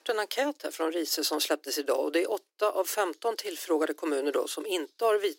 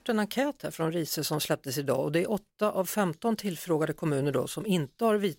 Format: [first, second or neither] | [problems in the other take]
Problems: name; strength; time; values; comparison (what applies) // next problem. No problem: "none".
second | thin; somewhat; fading below 300 Hz